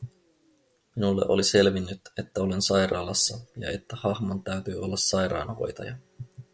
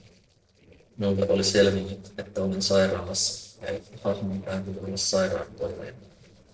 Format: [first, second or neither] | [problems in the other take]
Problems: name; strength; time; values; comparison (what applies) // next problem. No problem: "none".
first | noise reduction (neural separator model SepFormer DNS4)